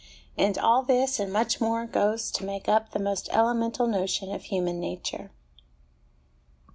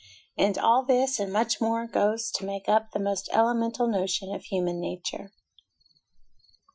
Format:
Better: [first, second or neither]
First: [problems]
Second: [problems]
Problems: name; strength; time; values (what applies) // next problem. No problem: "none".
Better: first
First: none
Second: noise reduction (classical method Wiener filter)